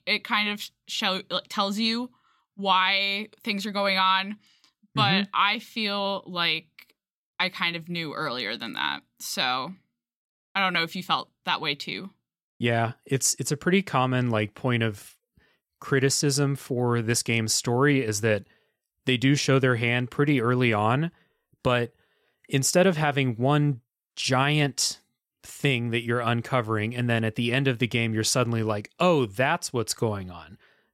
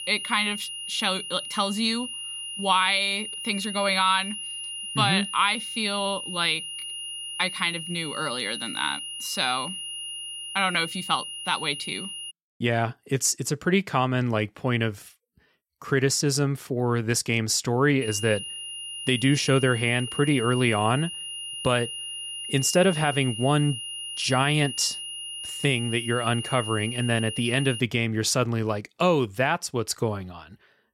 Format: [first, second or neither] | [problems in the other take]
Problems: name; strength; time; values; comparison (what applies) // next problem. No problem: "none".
first | high-pitched whine; loud; until 12 s and from 18 to 28 s; 3 kHz, 8 dB below the speech